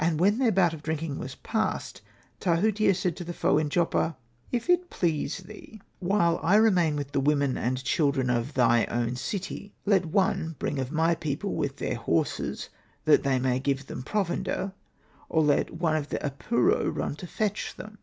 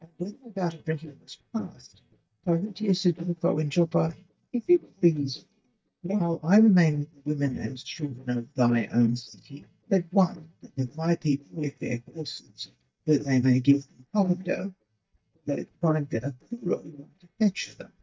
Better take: first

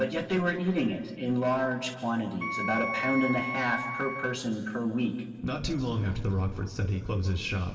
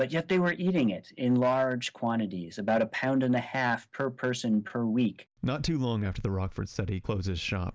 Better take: second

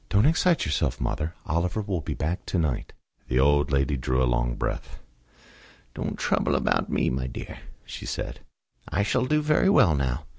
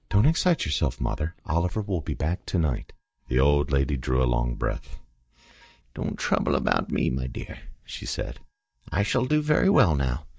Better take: first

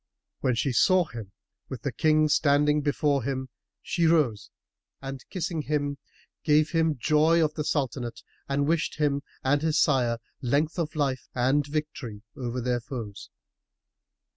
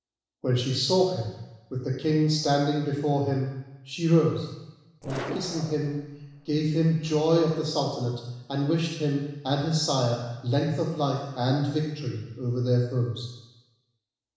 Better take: first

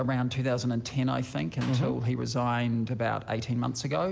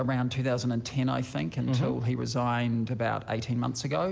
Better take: second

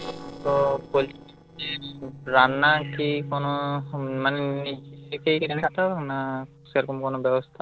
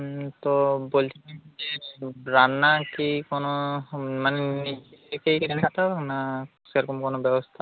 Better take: second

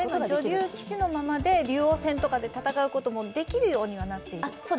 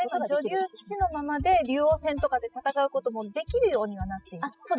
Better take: first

